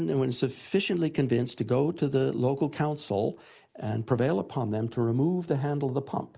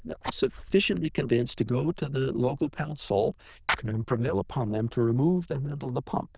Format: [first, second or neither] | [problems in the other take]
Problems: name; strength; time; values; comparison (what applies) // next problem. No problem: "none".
first | noise reduction (neural diffusion model UNIVERSE++)